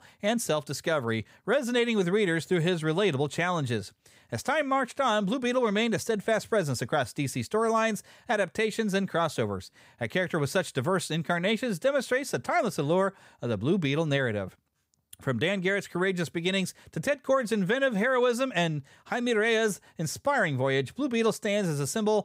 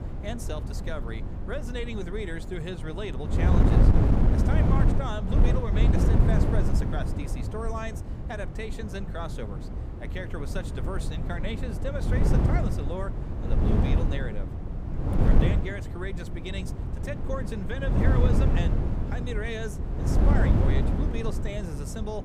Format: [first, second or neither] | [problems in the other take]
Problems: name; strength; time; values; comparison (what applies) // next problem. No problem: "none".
first | wind noise on the microphone; heavy; as loud as the speech